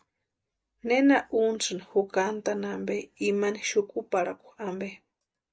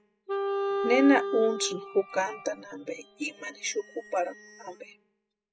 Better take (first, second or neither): first